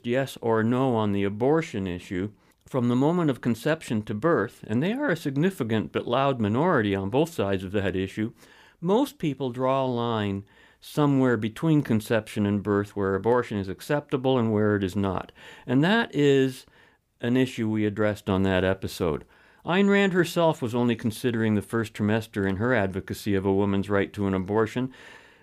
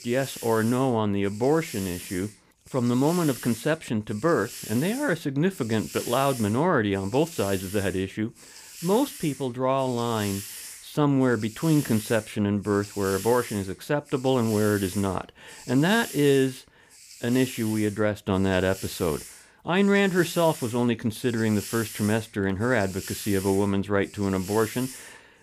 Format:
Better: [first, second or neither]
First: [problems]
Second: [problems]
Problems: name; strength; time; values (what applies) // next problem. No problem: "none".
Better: first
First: none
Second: hiss; noticeable; throughout; 15 dB below the speech